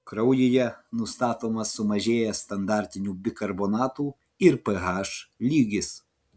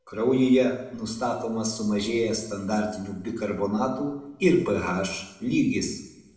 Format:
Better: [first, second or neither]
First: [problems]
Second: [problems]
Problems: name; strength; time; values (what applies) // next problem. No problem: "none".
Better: first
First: none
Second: room echo; dies away in 0.8 s